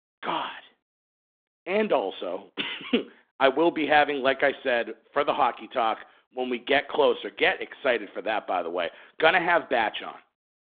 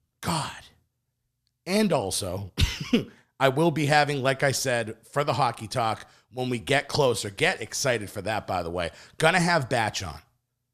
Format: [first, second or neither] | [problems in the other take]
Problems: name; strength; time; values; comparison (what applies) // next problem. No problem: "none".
second | phone-call audio